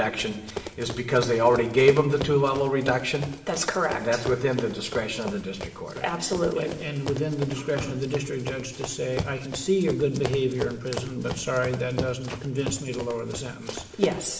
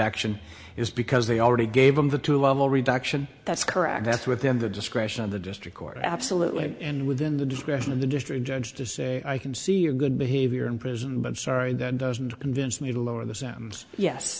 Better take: second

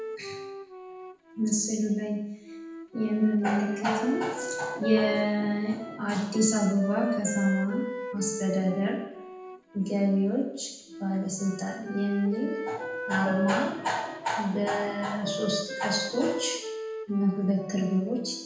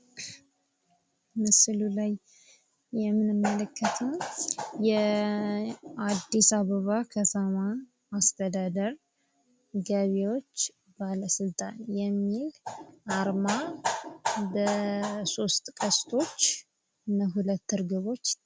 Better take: second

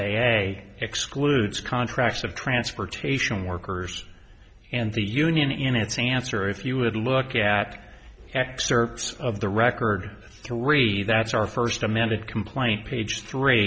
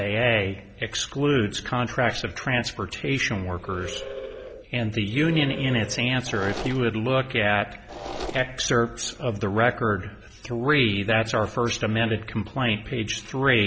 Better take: first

